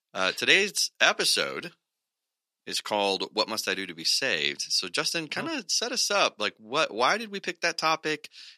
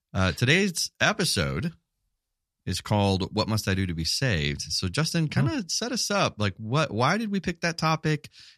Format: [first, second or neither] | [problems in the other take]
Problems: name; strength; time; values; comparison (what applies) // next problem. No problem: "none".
second | thin; very; fading below 350 Hz